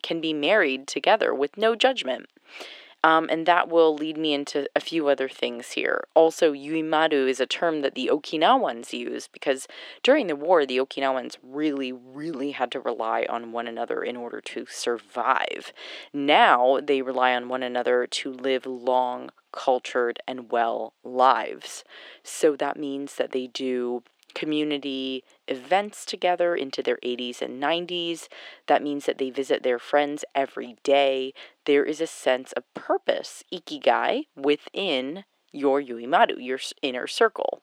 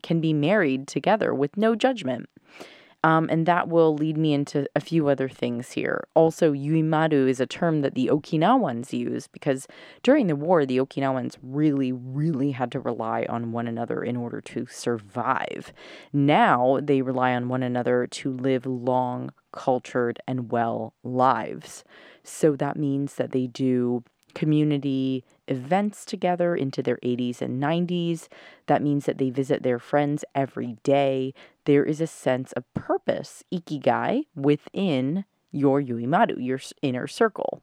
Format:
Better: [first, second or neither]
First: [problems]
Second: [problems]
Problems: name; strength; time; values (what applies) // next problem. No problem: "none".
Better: second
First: thin; somewhat; fading below 350 Hz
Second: none